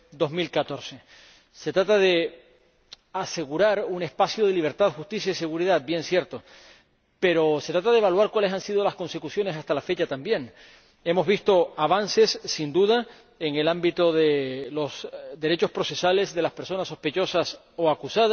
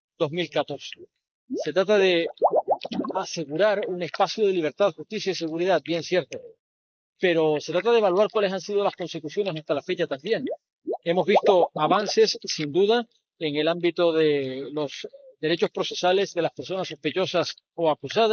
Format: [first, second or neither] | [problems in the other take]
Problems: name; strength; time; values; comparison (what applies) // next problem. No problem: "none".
first | noise reduction (neural mask model Resemble Enhance denoiser)